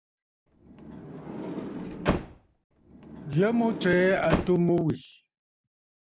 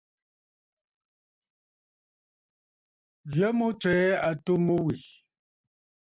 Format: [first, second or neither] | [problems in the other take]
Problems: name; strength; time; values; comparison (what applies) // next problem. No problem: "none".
second | background sound (Sliding door); 5 dB below the speech